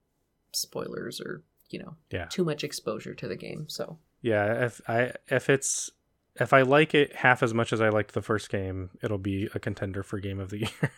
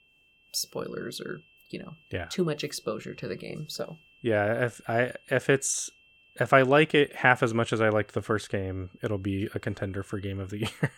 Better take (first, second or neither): first